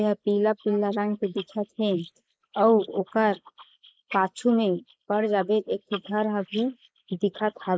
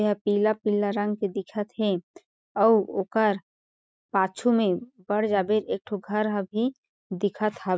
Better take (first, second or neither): second